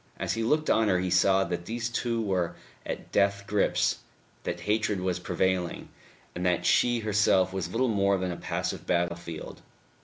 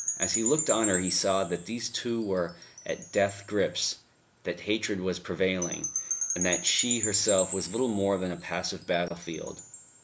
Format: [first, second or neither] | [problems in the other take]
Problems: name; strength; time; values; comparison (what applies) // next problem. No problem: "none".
first | background sound (Wind chime / Percussion); 5 dB below the speech